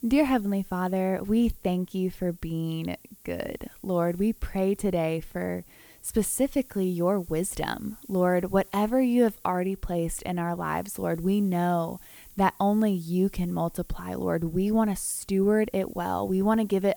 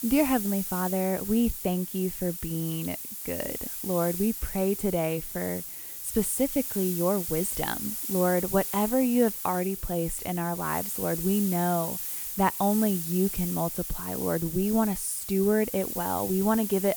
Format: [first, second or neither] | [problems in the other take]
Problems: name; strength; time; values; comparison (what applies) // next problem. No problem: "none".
first | hiss; loud; throughout; 4 dB below the speech; faint in the first